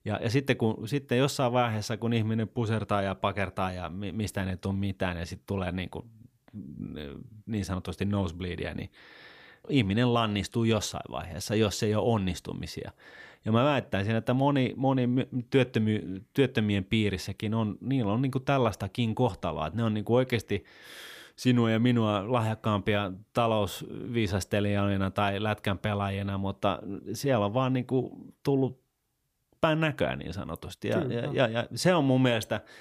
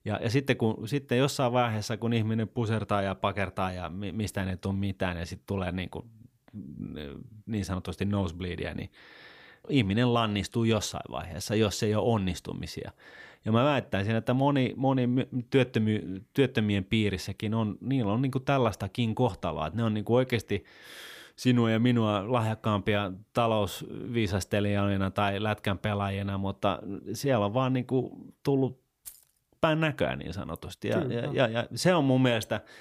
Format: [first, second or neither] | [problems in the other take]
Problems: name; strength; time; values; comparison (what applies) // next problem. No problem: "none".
first | jangling keys; faint; at 29 s; peak 20 dB below the speech